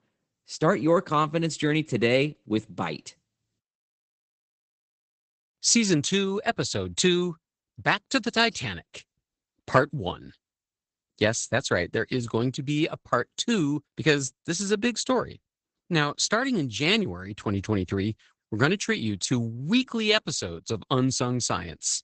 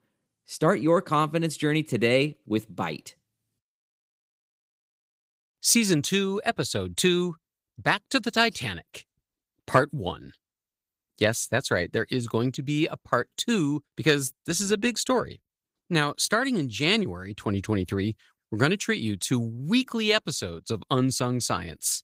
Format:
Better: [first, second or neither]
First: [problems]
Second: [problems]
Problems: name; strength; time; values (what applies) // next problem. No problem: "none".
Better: second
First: garbled, watery; badly; nothing above 8 kHz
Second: garbled, watery; slightly; nothing above 15.5 kHz